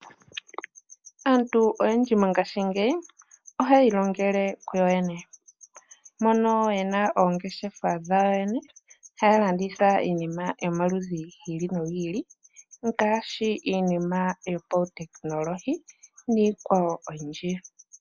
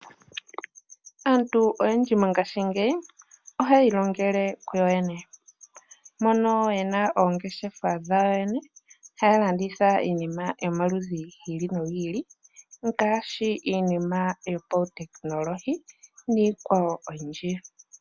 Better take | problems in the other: second | noise reduction (neural mask model Resemble Enhance denoiser)

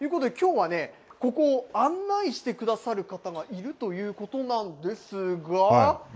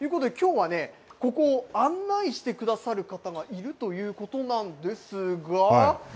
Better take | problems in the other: second | noise reduction (neural mask model Resemble Enhance denoiser)

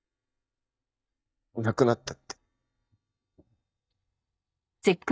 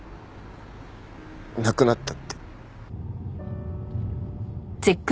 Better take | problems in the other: second | noise reduction (neural mask model DeepFilterNet 3)

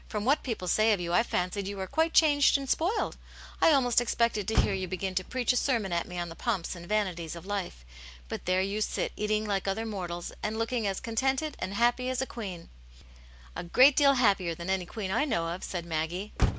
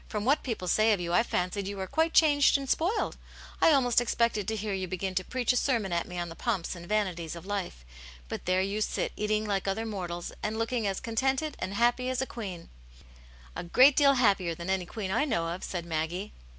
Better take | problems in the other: second | background sound (Motor vehicle (road)); 11 dB below the speech

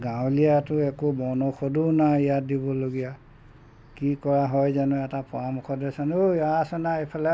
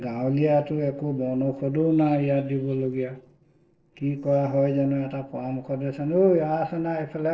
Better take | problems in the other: first | noise reduction (neural separator model SepFormer DNS4)

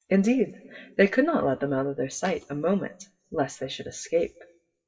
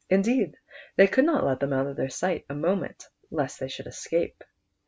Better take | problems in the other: second | noise reduction (classical method WPE with log-MMSE)

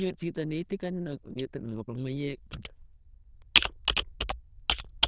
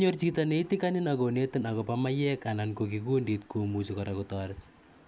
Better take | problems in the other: second | noise reduction (neural diffusion model UNIVERSE++)

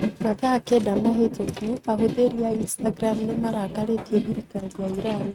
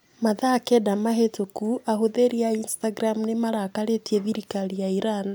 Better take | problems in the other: second | noise reduction (neural mask model RNNoise)

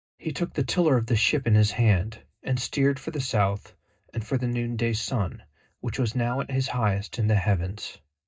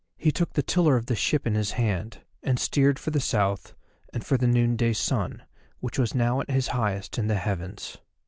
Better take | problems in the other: second | noise reduction (neural mask model DeepFilterNet 3)

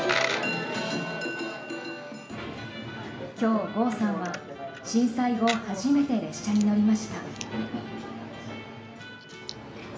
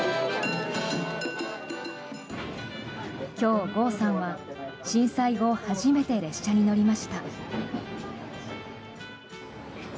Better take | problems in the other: second | background sound (Coin (dropping)); 12 dB below the speech // room echo; dies away in 0.6 s

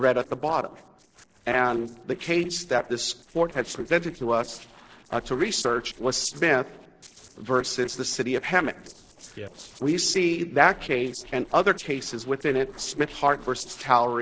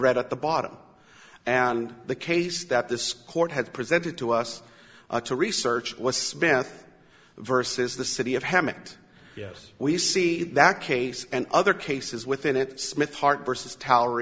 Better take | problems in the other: second | noise reduction (neural separator model SepFormer DNS4)

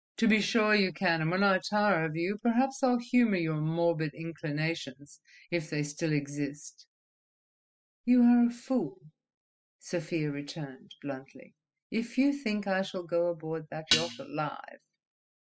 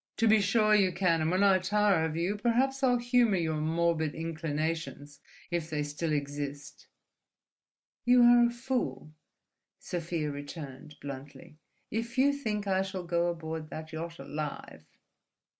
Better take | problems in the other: second | noise reduction (classical method spectral subtraction)

